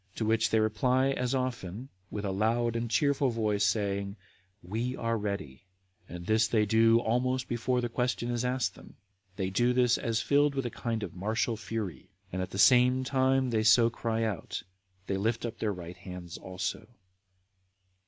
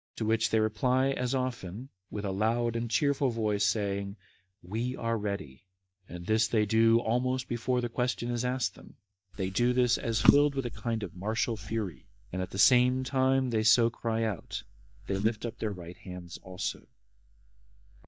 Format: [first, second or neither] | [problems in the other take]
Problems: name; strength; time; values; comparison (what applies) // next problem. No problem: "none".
first | noise reduction (neural mask model DeepFilterNet 3)